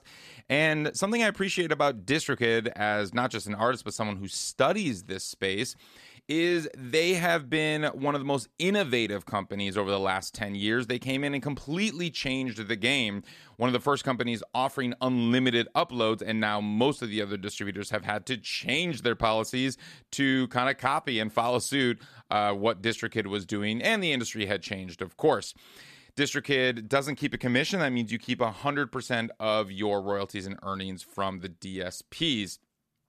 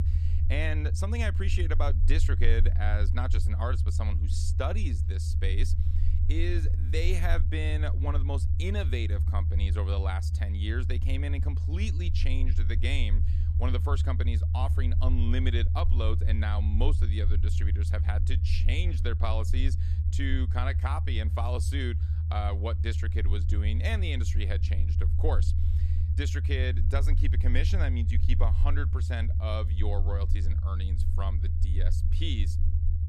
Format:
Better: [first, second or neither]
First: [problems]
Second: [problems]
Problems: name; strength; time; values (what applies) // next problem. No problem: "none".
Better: first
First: none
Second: low rumble; loud; throughout; 8 dB below the speech